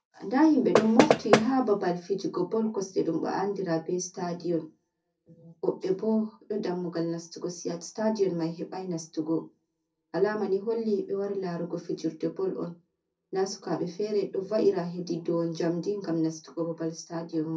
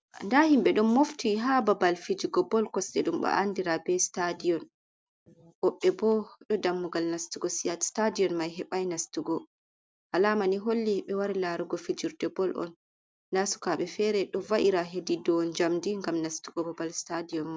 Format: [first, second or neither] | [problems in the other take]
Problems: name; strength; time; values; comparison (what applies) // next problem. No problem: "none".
second | background sound (Knock); 5 dB above the speech // room echo; dies away in 0.3 s